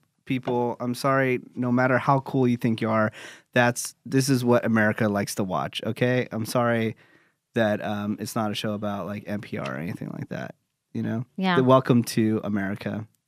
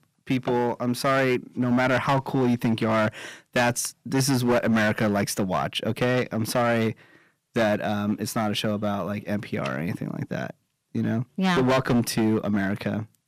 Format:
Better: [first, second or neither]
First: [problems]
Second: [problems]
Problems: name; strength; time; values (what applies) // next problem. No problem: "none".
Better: first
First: none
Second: distortion; heavy; 9% of the sound clipped